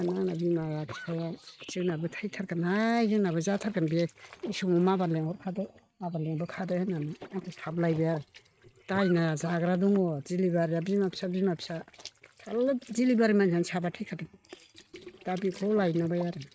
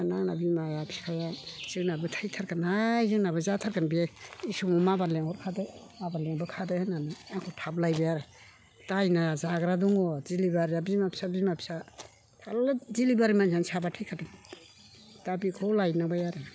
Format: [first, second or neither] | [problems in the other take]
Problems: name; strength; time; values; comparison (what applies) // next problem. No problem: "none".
second | noise reduction (neural mask model RNNoise)